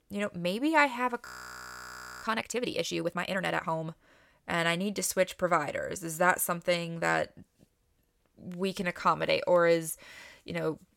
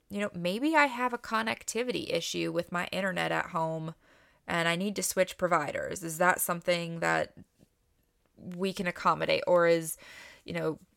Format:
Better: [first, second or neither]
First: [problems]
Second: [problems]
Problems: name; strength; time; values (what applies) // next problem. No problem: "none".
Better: second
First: audio freezing; at 1.5 s for 1 s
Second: none